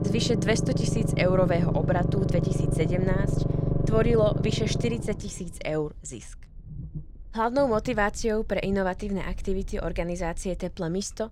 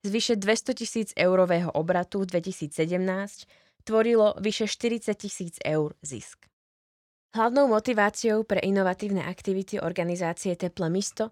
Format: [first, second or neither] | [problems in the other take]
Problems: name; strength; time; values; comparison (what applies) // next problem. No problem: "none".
second | low rumble; loud; throughout; 6 dB below the speech